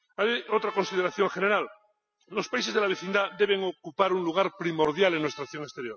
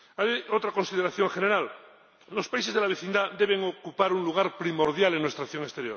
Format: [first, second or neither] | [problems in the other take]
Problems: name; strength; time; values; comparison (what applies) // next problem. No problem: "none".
second | noise reduction (classical method spectral subtraction)